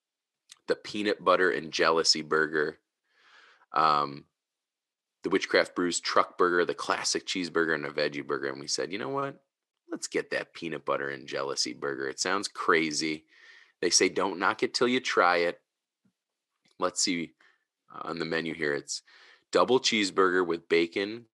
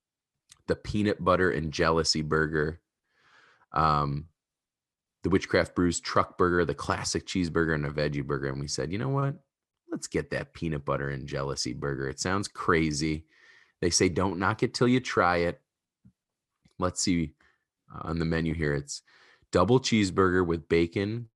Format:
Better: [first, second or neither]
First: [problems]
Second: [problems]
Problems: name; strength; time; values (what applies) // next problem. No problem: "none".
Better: second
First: thin; somewhat; fading below 350 Hz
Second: none